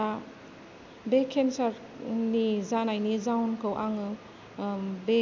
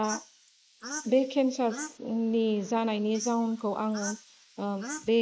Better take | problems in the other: first | noise reduction (neural mask model Resemble Enhance denoiser)

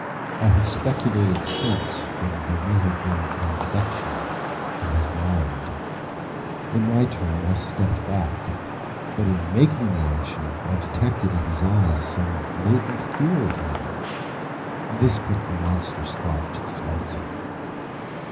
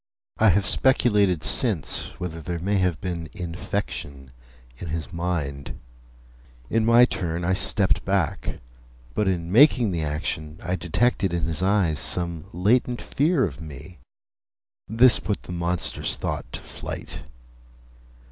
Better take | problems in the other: second | background sound (Traffic noise, roadway noise / Vehicle horn, car horn, honking); 6 dB below the speech // room echo; dies away in 0.4 s

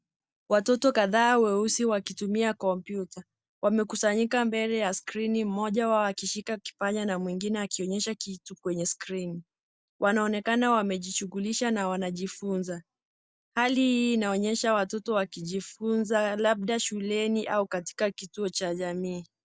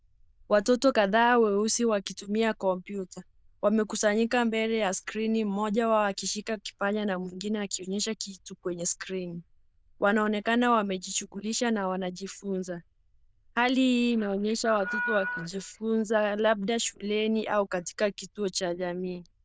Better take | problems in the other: first | noise reduction (neural diffusion model UNIVERSE++)

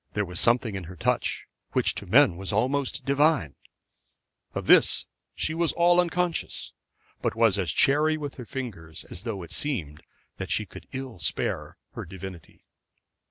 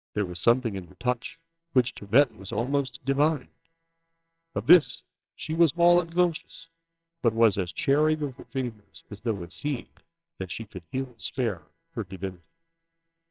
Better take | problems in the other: first | noise reduction (neural separator model SepFormer WHAMR!)

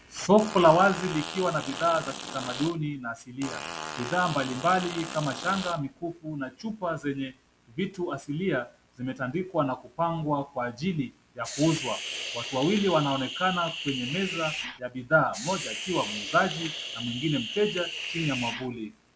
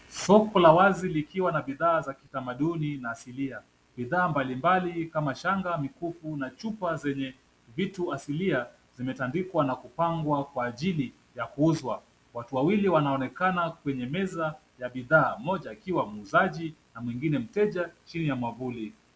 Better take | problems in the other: second | background sound (Fart + Hiss); 8 dB below the speech

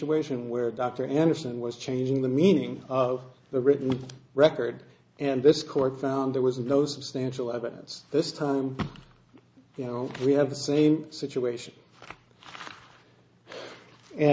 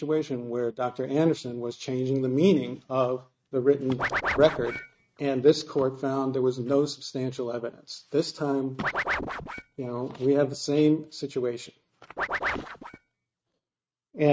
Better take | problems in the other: first | noise reduction (neural mask model RNNoise)

